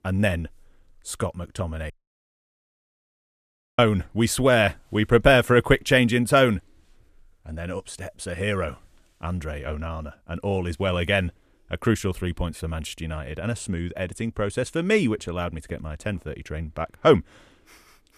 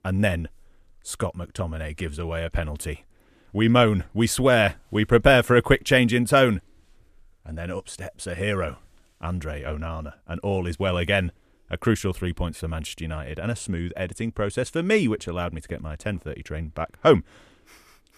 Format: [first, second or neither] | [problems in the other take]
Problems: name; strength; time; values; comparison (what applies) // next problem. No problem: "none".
second | audio cutting out; at 2 s for 2 s